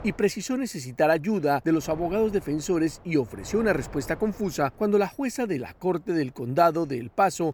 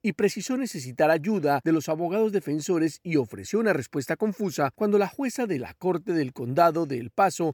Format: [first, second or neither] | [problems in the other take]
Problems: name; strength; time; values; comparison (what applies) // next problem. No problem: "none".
second | wind noise on the microphone; occasional gusts; 20 dB below the speech